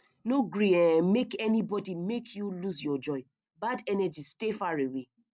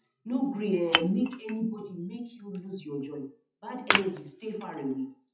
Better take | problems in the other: first | noise reduction (classical method WPE with log-MMSE)

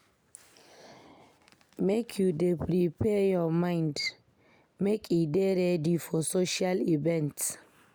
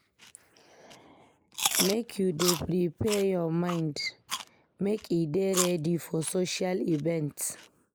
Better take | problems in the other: first | noise reduction (neural mask model Resemble Enhance denoiser)

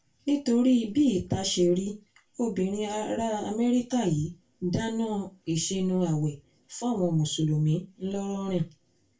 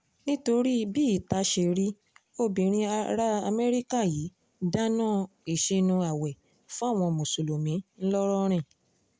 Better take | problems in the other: second | room echo; dies away in 0.2 s

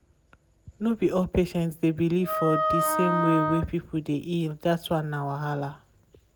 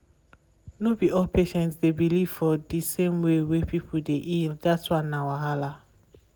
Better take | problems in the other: second | background sound (Wind instrument, woodwind instrument); 1 dB above the speech

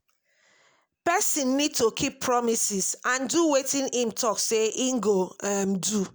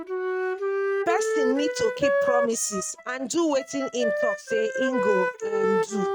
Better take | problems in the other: first | noise reduction (neural mask model RNNoise)

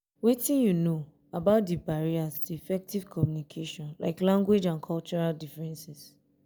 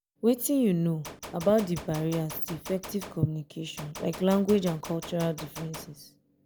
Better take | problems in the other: first | background sound (Gunshot, gunfire); 14 dB below the speech

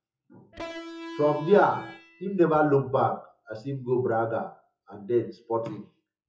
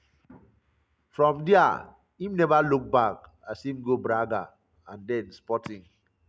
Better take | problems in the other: second | noise reduction (classical method WPE with log-MMSE)

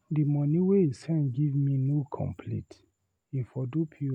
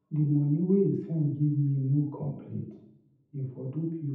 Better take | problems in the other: first | room echo; dies away in 0.8 s

